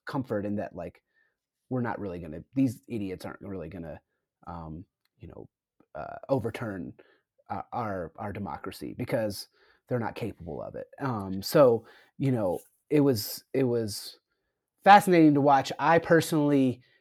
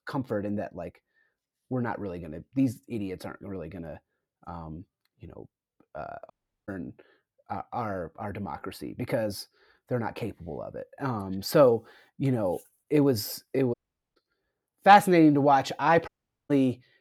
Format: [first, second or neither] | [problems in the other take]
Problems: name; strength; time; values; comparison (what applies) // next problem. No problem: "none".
first | audio cutting out; at 6.5 s, at 14 s and at 16 s